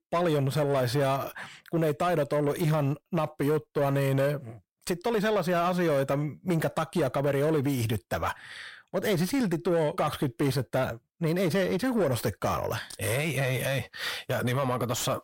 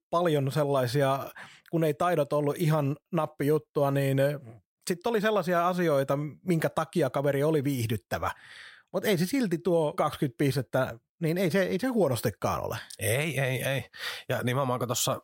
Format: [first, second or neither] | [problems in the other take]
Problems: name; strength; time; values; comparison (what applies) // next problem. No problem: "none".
second | distortion; slight; 10 dB below the speech